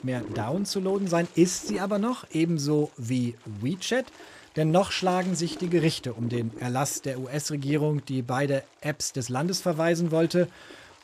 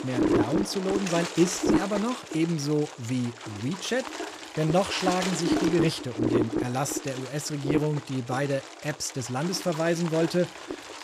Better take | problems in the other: first | wind noise on the microphone; heavy; 3 dB below the speech; occasional gusts in the first

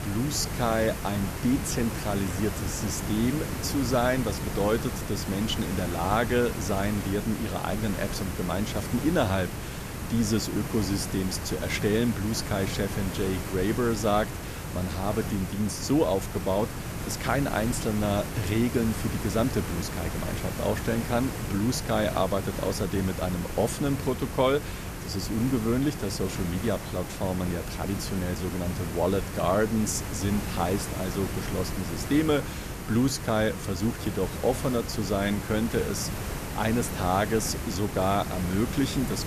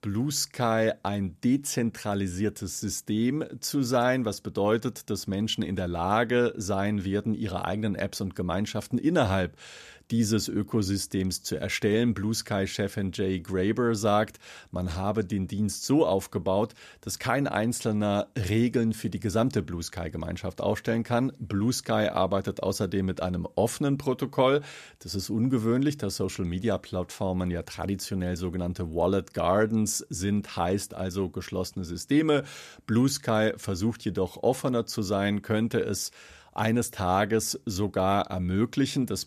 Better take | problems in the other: second | hiss; loud; throughout; 6 dB below the speech

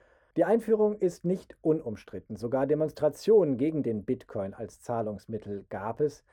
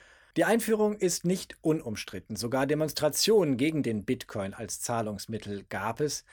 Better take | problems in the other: second | muffled; very; fading above 1.5 kHz

